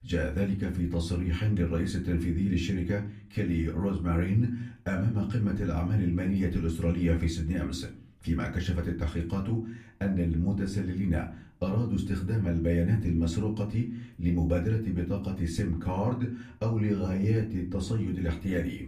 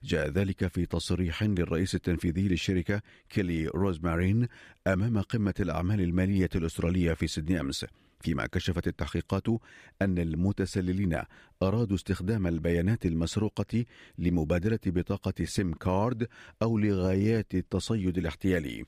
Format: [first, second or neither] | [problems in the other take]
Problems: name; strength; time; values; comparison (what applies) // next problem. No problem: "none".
second | off-mic speech; far // room echo; very slight; dies away in 0.4 s